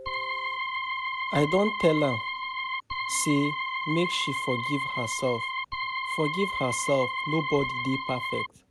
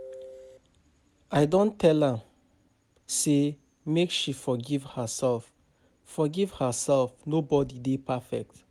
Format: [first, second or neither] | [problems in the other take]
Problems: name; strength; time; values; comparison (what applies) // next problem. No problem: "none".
second | background sound (Organ); 2 dB below the speech